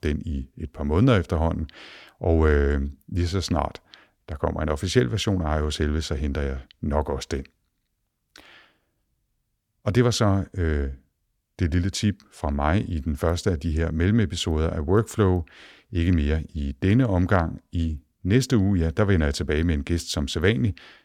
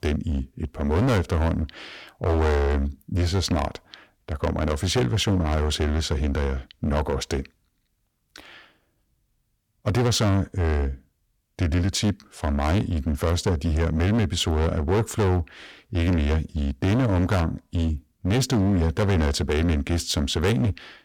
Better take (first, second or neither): first